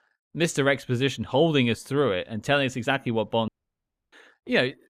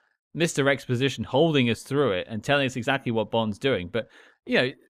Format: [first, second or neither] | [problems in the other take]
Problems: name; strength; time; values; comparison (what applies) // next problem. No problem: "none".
second | audio cutting out; at 3.5 s for 0.5 s